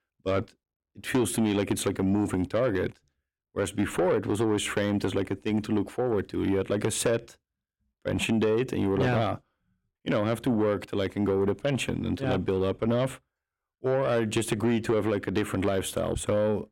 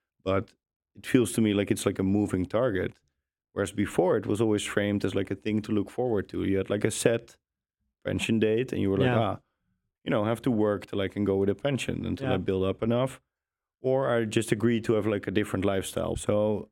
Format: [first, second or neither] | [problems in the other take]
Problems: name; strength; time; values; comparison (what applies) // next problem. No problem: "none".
second | distortion; slight; 10 dB below the speech